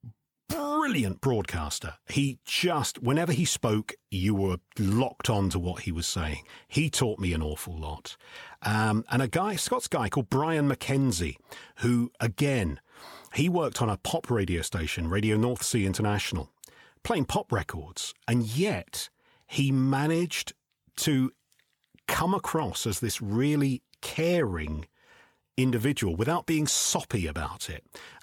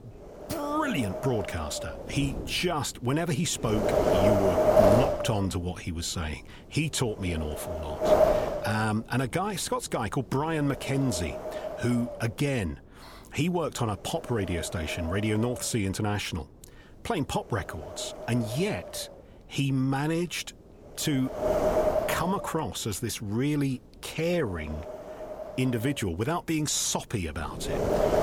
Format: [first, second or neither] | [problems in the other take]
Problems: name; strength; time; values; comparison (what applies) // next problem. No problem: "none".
first | wind noise on the microphone; heavy; 3 dB above the speech